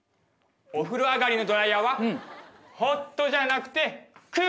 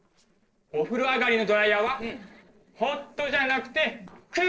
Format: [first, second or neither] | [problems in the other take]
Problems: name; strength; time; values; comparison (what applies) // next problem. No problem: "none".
first | noise reduction (neural separator model SepFormer DNS4)